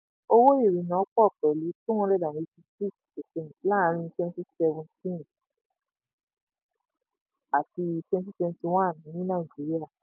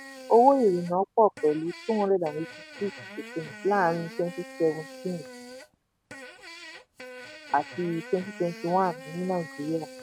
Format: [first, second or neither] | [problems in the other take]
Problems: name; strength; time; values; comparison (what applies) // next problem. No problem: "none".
first | background sound (Fart); 16 dB below the speech